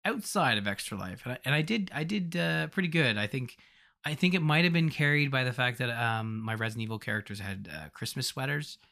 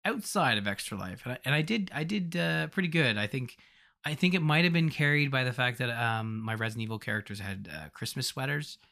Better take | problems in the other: neither | none

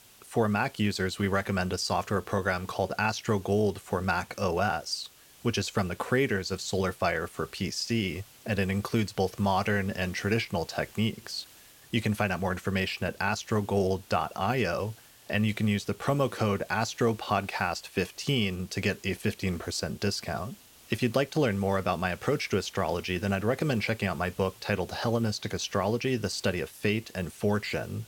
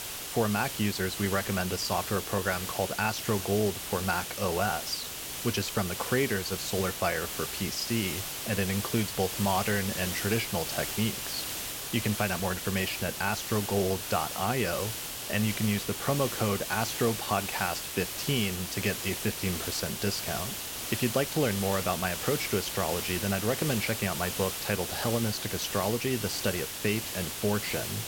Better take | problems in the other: first | hiss; loud; throughout; 3 dB below the speech; faint in the first

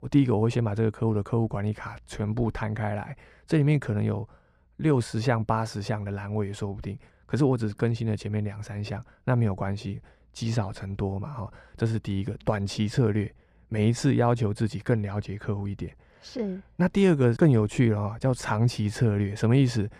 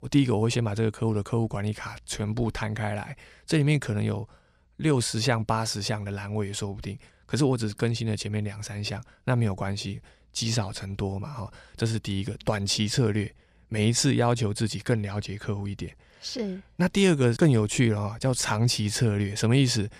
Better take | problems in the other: second | muffled; slightly; fading above 2.5 kHz

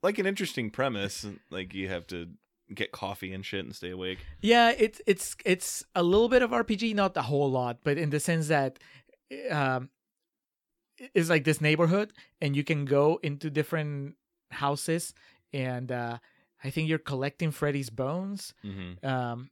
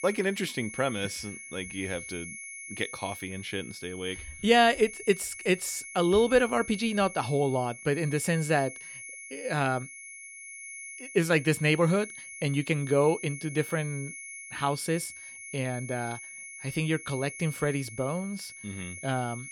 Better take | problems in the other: first | high-pitched whine; noticeable; throughout; 2 kHz, 10 dB below the speech

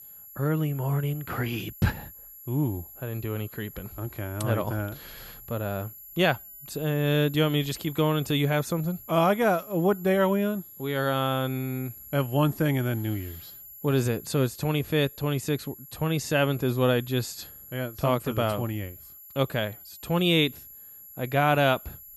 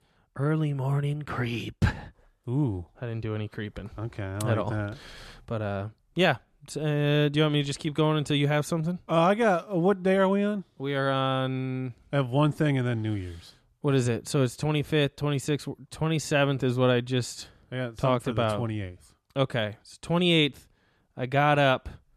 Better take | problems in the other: second | high-pitched whine; noticeable; throughout; 11.5 kHz, 15 dB below the speech

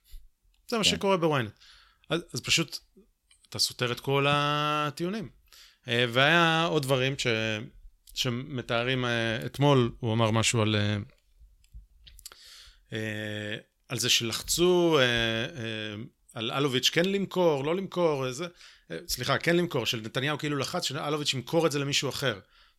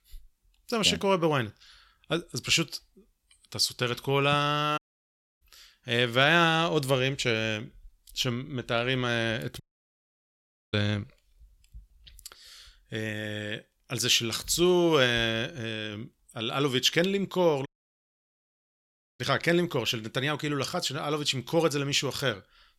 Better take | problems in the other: first | audio cutting out; at 5 s for 0.5 s, at 9.5 s for 1 s and at 18 s for 1.5 s

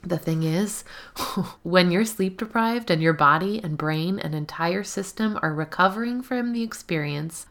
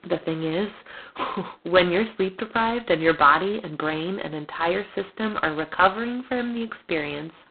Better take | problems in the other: first | phone-call audio; poor line; nothing above 4 kHz

